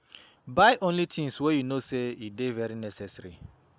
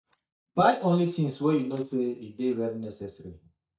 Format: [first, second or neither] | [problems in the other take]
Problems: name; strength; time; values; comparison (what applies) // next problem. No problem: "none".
first | noise reduction (neural mask model DeepFilterNet 3)